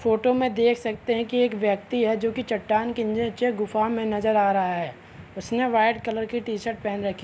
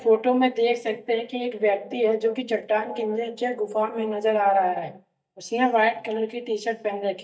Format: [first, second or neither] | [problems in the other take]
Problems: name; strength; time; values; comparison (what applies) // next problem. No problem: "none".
first | noise reduction (neural mask model DeepFilterNet 3)